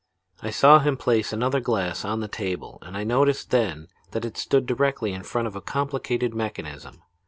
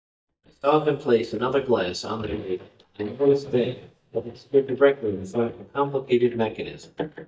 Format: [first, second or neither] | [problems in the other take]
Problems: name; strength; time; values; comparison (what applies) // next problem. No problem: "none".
first | noise reduction (neural mask model DeepFilterNet 3)